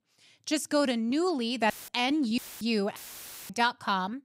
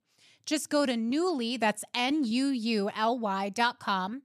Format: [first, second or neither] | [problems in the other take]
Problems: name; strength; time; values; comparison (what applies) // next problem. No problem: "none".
second | audio cutting out; filled with static; at 1.5 s, at 2.5 s and at 3 s for 0.5 s